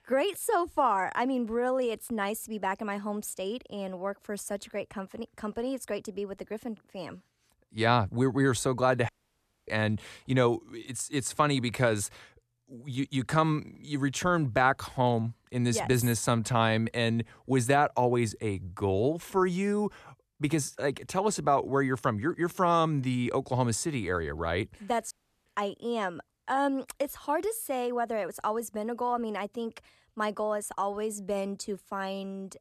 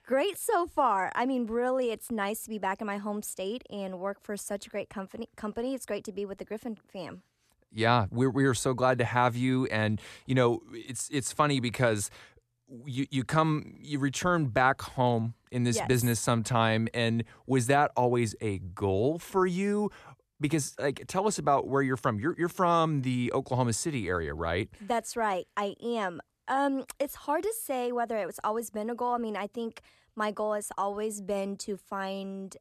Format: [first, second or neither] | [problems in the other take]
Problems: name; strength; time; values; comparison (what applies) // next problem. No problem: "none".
second | audio cutting out; at 9 s for 0.5 s and at 25 s